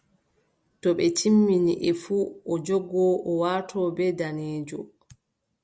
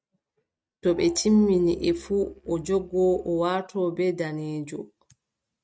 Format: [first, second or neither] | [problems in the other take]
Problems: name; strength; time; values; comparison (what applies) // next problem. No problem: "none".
first | noise reduction (neural mask model RNNoise)